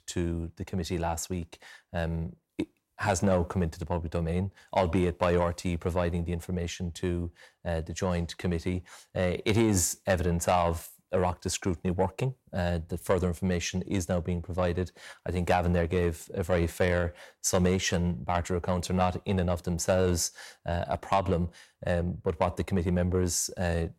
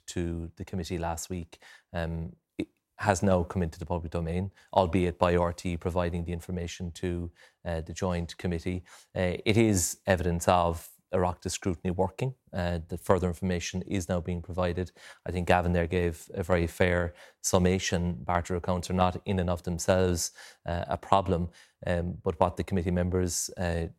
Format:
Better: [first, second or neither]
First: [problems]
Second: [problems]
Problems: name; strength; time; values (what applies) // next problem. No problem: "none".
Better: second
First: distortion; slight; 10 dB below the speech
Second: none